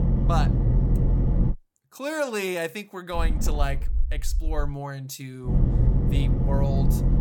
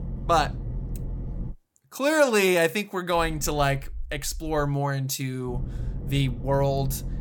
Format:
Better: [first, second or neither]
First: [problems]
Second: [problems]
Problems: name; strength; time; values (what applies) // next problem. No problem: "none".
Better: second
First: low rumble; loud; until 1.5 s, from 3 to 4.5 s and from 5.5 s on; 4 dB below the speech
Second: low rumble; faint; until 1.5 s, from 3 to 4.5 s and from 5.5 s on; 20 dB below the speech